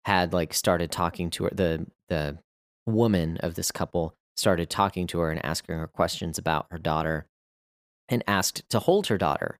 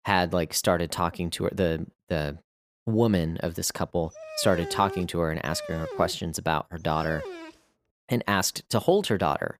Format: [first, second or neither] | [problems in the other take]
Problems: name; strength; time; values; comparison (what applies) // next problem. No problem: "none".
first | dog barking; noticeable; from 4 to 7.5 s; peak 8 dB below the speech